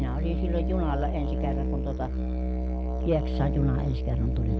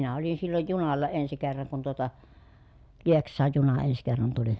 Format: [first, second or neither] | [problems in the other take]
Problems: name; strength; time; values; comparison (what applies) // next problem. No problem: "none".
second | background sound (Musical instrument); 3 dB above the speech